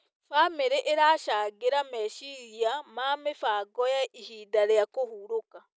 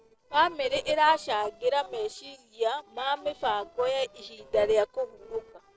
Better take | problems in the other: first | noise reduction (neural separator model SepFormer DNS4)

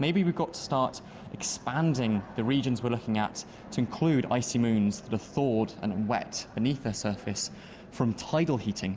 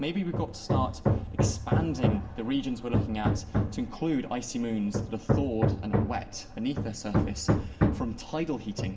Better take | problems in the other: first | background sound (Hammer); 3 dB above the speech // room echo; dies away in 0.5 s

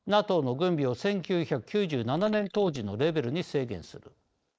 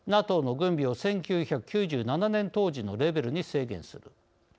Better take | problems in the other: second | noise reduction (neural mask model Resemble Enhance denoiser)

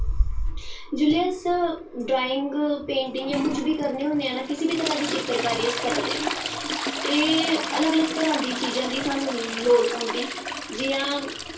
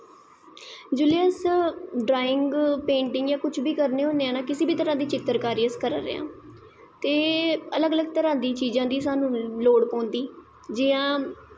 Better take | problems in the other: second | background sound (Trickle, dribble / Toilet flush); 4 dB below the speech // room echo; dies away in 0.2 s

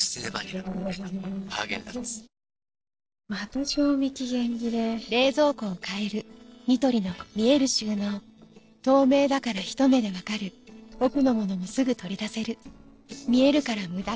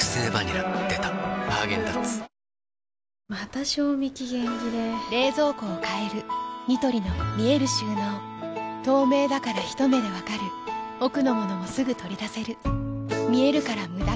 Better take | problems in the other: second | noise reduction (neural separator model SepFormer DNS4)

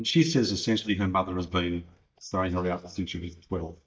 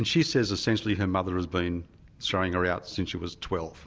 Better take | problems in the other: second | noise reduction (neural mask model DeepFilterNet 3)

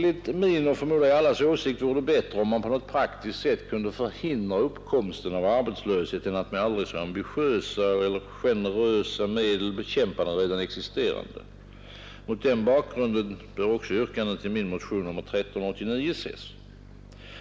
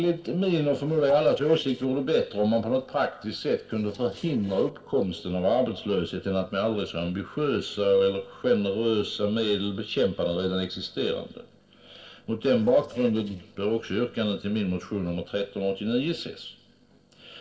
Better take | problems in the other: first | noise reduction (neural separator model SepFormer DNS4)

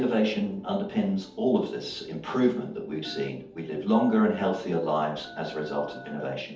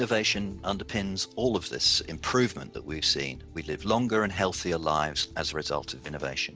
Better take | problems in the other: second | background sound (Telephone); 19 dB below the speech // room echo; dies away in 0.6 s

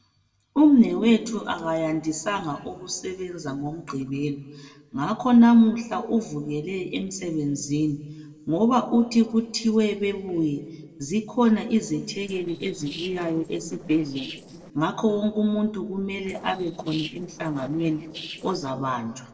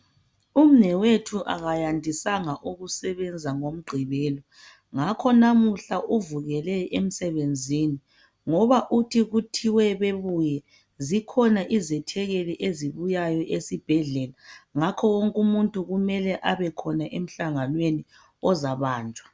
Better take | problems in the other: second | noise reduction (neural separator model SepFormer DNS4)

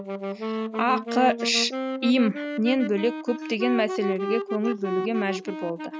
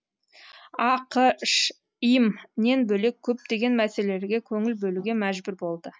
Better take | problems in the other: second | background sound (Wind instrument, woodwind instrument); 5 dB below the speech

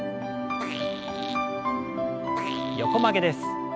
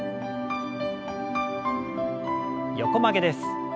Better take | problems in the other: second | background sound (Fart); 15 dB below the speech

